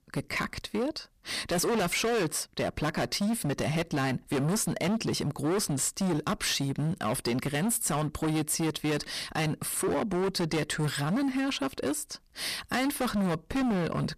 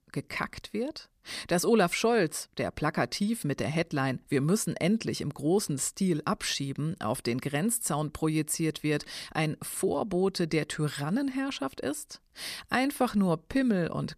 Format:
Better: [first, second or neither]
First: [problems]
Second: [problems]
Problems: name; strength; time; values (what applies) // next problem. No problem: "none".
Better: second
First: distortion; heavy; 23% of the sound clipped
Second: none